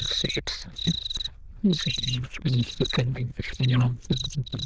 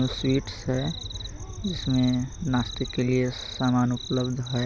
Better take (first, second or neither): second